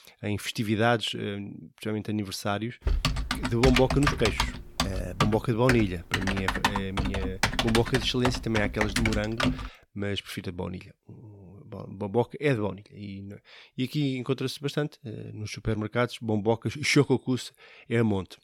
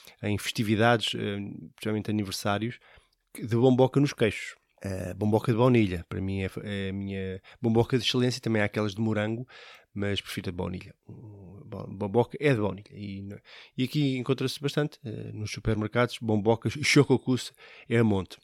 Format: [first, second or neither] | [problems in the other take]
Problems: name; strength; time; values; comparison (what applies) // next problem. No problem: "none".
second | keyboard typing; loud; from 3 to 9.5 s; peak 2 dB above the speech